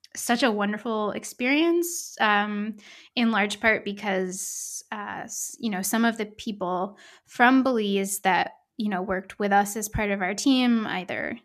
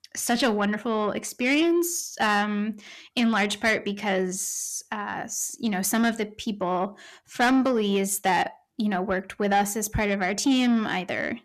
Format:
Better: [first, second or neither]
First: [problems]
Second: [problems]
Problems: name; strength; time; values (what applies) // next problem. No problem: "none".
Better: first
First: none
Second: distortion; slight; 10 dB below the speech